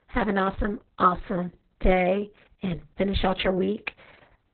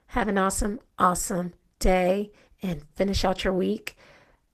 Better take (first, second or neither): second